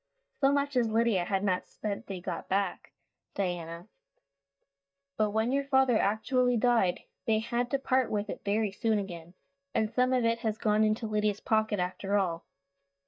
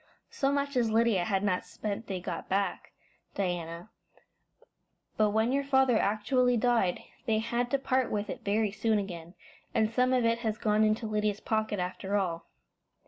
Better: second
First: noise reduction (neural mask model DeepFilterNet 3)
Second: none

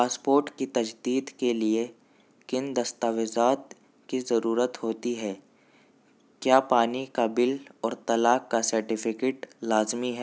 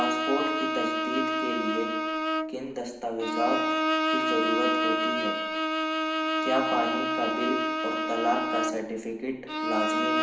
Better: first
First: none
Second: background sound (Bowed string instrument); 4 dB above the speech // room echo; dies away in 0.8 s

